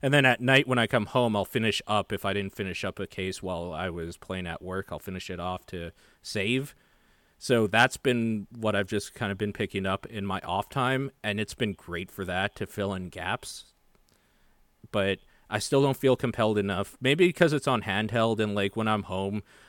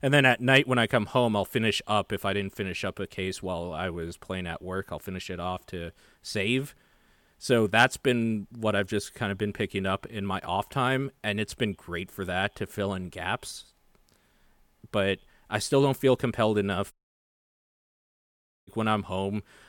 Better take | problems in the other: first | audio cutting out; at 17 s for 2 s

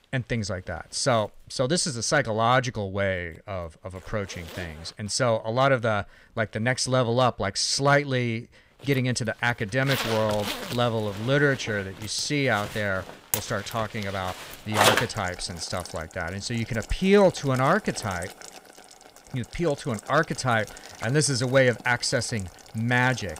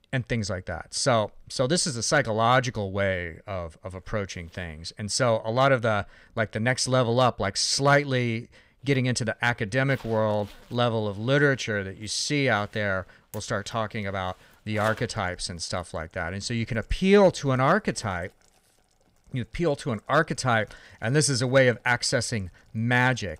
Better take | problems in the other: second | household noises; loud; throughout; 8 dB below the speech; faint in the second

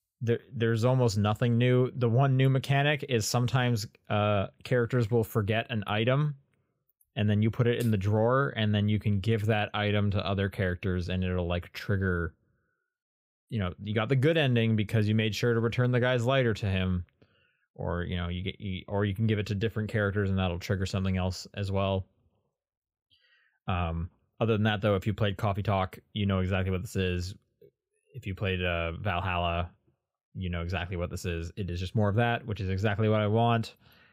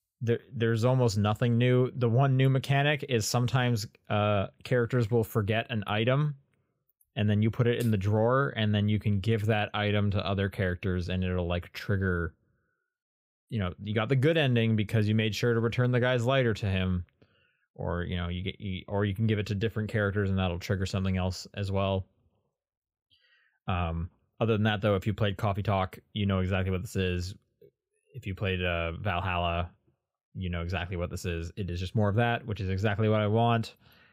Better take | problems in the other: neither | none

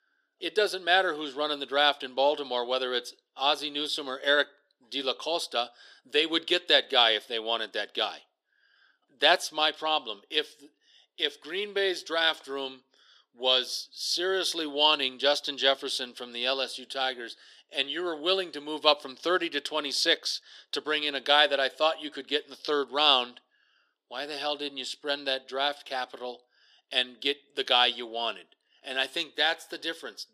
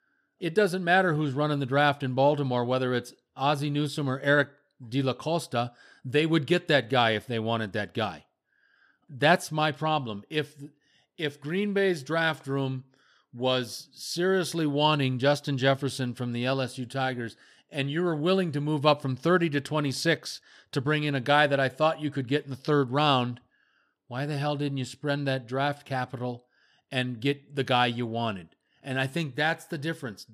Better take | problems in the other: second | thin; somewhat; fading below 350 Hz

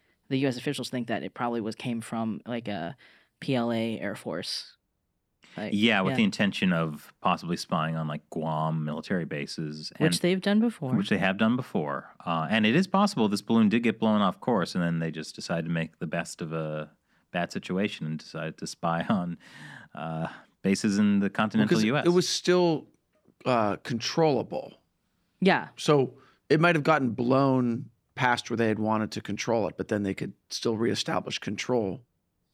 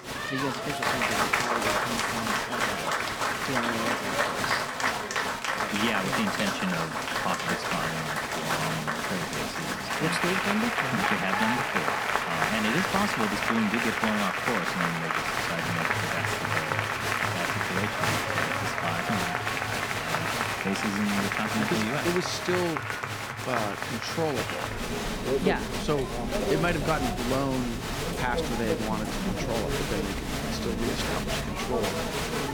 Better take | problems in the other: first | crowd noise; very loud; throughout; 4 dB above the speech

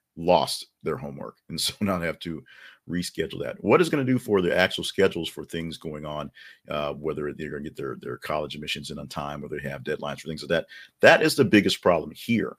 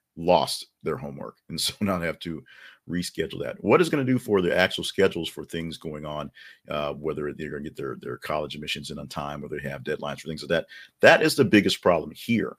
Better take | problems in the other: neither | none

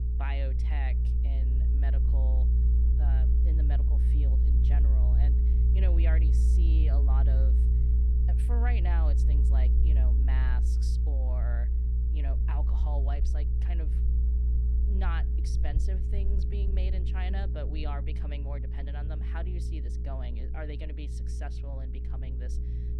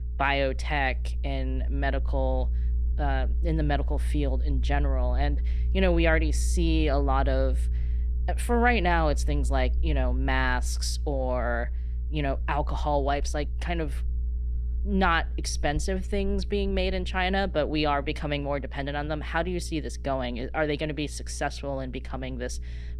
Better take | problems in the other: second | low rumble; loud; throughout; 2 dB below the speech; faint in the second

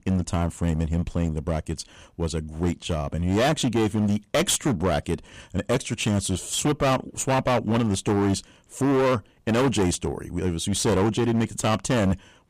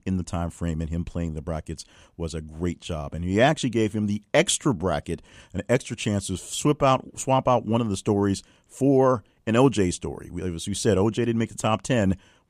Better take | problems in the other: second | distortion; heavy; 15% of the sound clipped

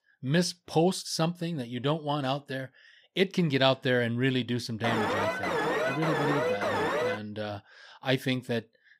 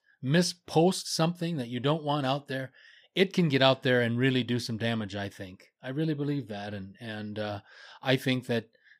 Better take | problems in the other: second | alarm; loud; from 5 to 7 s; peak 2 dB above the speech

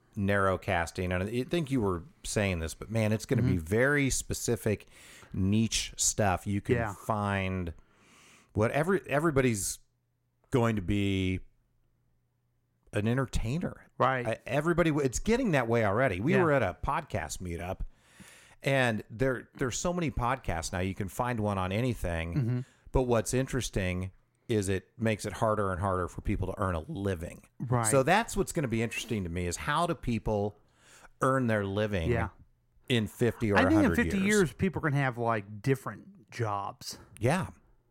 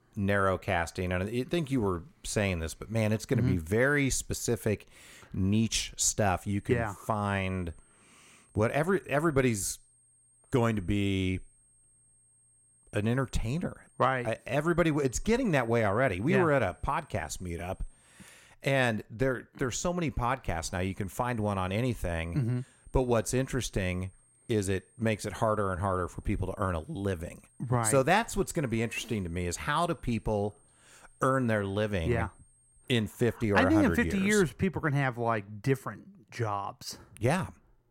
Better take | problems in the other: first | high-pitched whine; faint; from 6.5 to 18 s and from 21 to 33 s; 8.5 kHz, 30 dB below the speech

